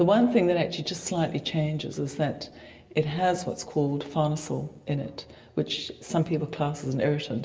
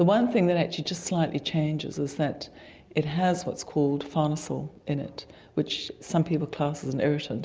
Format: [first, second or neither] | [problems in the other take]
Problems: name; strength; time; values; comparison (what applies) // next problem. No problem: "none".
second | room echo; dies away in 0.7 s